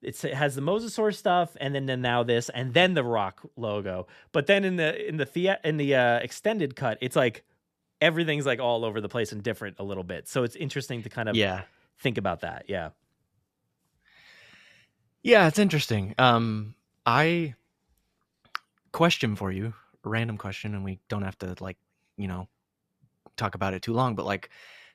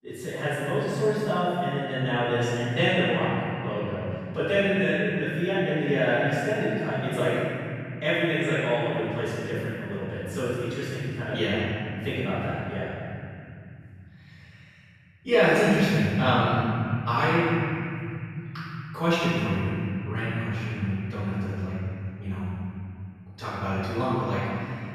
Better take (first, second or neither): first